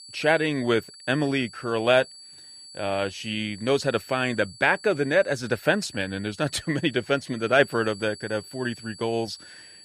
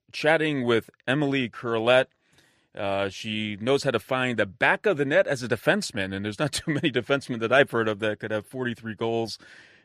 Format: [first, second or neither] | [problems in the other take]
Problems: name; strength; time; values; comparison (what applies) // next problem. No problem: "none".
second | high-pitched whine; noticeable; throughout; 4.5 kHz, 20 dB below the speech